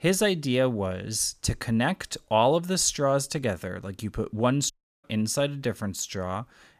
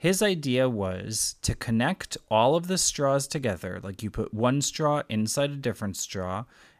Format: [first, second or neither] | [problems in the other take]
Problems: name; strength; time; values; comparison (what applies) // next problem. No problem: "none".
second | audio cutting out; at 4.5 s